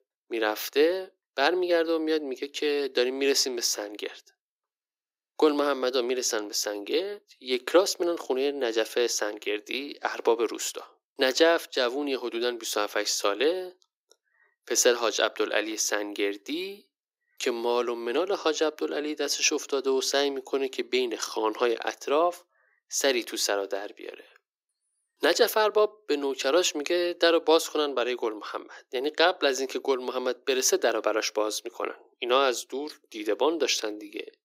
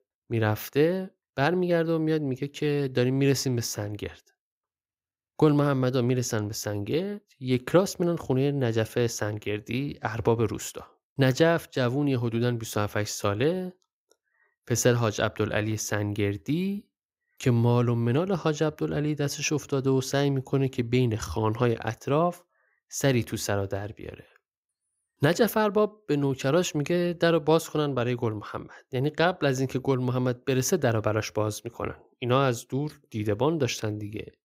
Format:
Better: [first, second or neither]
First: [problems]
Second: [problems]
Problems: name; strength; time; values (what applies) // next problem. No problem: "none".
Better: second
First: thin; somewhat; fading below 300 Hz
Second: none